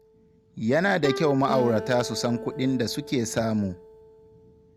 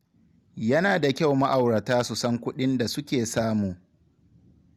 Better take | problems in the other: second | background sound (Plucked string instrument + Acoustic guitar); 11 dB below the speech

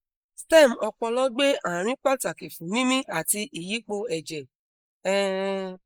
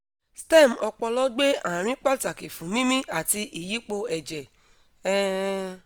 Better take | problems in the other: second | noise reduction (neural mask model Resemble Enhance denoiser)

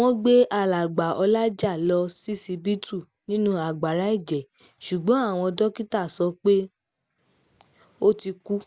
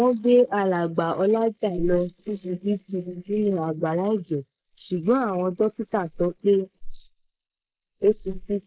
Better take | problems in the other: first | noise reduction (neural mask model Resemble Enhance denoiser)

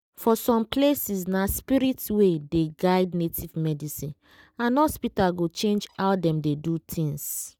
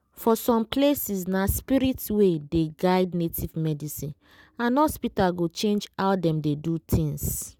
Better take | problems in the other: second | noise reduction (neural mask model DeepFilterNet 3)

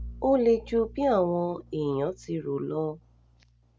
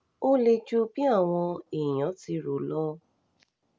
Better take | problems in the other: second | background sound (Bowed string instrument); 19 dB below the speech

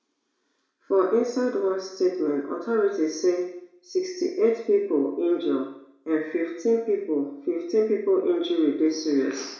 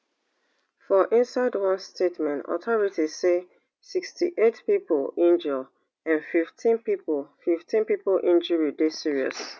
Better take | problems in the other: second | room echo; dies away in 0.6 s

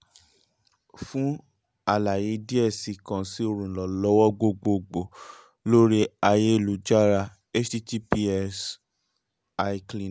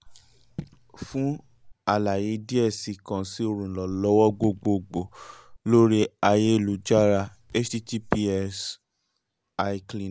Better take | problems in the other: first | background sound (Raindrop / Drip); 19 dB below the speech

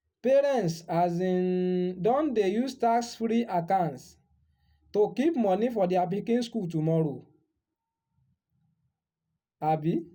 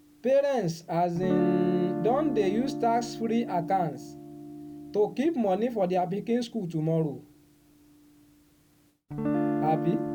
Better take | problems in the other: first | background sound (Guitar); 6 dB below the speech

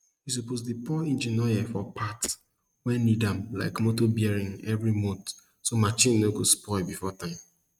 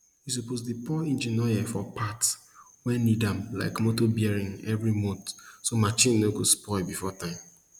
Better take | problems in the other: second | noise reduction (neural mask model RNNoise)

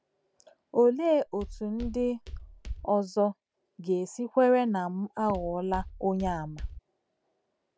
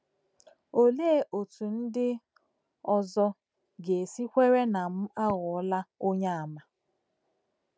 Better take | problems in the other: second | background sound (Walk, footsteps); 11 dB below the speech

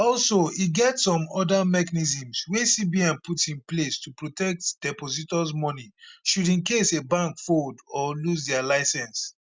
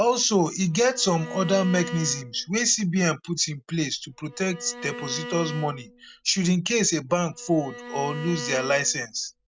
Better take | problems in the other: first | background sound (Bowed string instrument); 14 dB below the speech

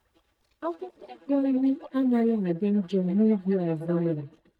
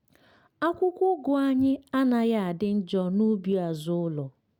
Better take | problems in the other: second | noise reduction (neural mask model DeepFilterNet 3)

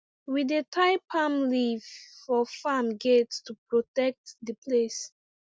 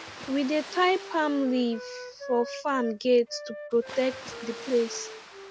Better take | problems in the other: first | background sound (Wind instrument, woodwind instrument + Water); 13 dB below the speech

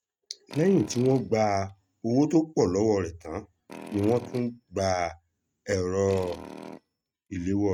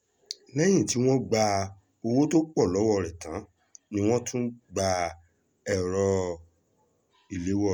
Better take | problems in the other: second | noise reduction (neural mask model RNNoise)

